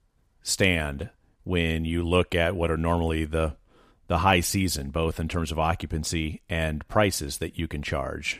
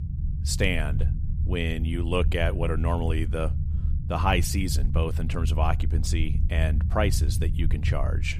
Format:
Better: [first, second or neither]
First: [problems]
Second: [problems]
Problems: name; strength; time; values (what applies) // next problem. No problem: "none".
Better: first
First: none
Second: low rumble; noticeable; throughout; 15 dB below the speech